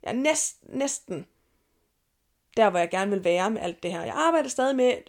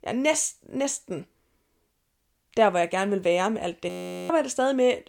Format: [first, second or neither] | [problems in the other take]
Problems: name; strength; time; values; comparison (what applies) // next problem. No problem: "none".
first | audio freezing; at 4 s